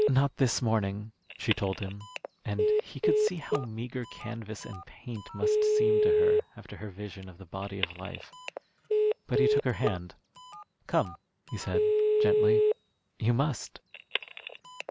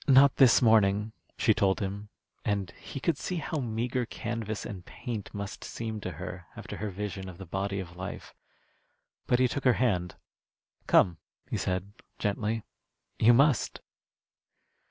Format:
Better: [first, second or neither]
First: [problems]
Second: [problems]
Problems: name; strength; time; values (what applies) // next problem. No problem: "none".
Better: second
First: background sound (Telephone); 3 dB above the speech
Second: none